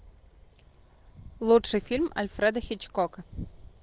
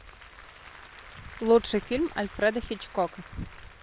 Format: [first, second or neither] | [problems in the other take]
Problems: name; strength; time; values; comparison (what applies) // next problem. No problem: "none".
first | background sound (Applause); 19 dB below the speech